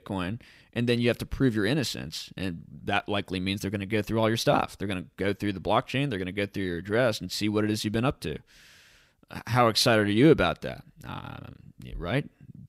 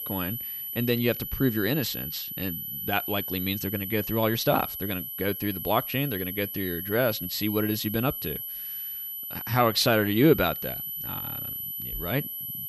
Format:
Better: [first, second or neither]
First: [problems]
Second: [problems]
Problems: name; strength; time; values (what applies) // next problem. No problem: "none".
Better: first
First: none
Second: high-pitched whine; loud; throughout; 12 kHz, 5 dB below the speech